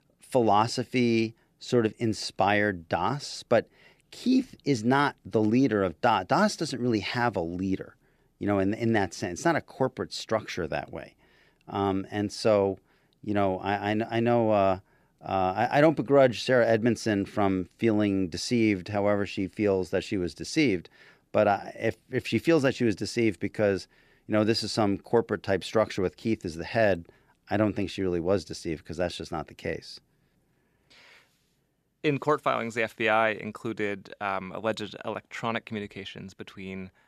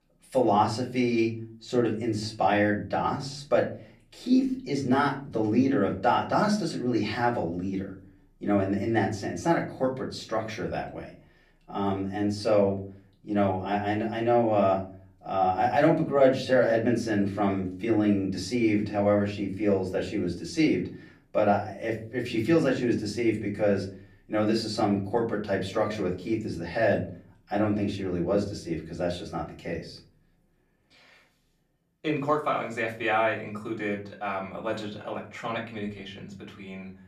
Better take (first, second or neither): first